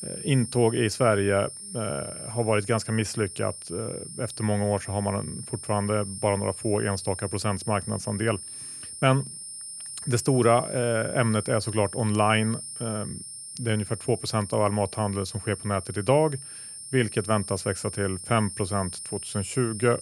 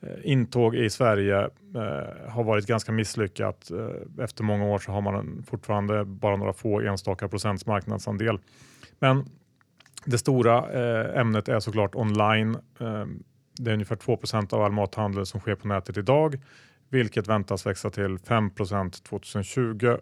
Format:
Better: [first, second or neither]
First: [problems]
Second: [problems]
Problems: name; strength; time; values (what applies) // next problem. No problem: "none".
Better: second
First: high-pitched whine; loud; throughout; 9 kHz, 10 dB below the speech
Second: none